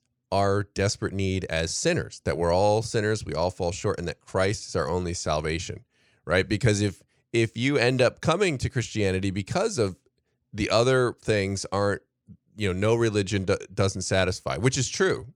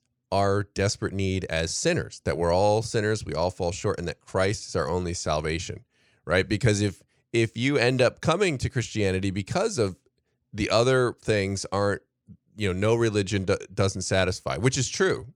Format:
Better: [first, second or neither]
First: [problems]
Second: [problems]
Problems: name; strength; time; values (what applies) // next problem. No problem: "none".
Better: neither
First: none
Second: none